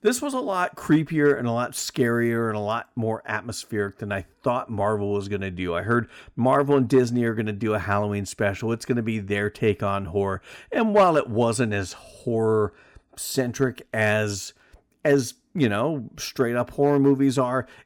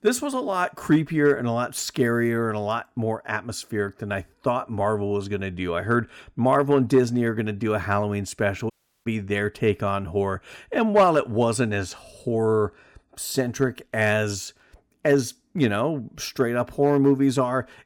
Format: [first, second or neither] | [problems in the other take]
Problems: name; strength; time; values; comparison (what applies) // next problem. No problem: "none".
first | audio cutting out; at 8.5 s